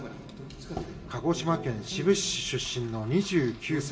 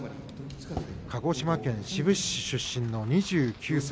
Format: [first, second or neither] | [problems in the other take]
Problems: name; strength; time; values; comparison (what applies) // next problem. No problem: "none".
second | room echo; dies away in 0.4 s